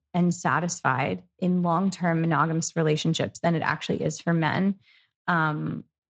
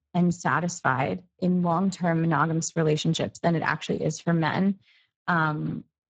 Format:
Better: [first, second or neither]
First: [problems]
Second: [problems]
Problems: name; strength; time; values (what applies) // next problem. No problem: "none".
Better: first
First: garbled, watery; slightly; nothing above 7.5 kHz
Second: garbled, watery; badly; nothing above 7.5 kHz